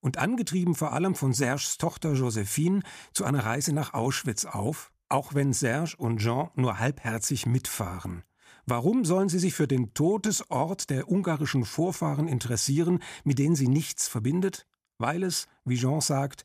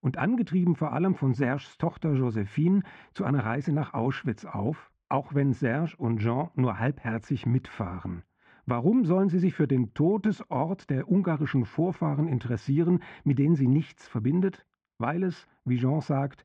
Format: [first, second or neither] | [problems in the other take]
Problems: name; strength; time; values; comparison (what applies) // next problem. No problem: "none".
first | muffled; very; fading above 2.5 kHz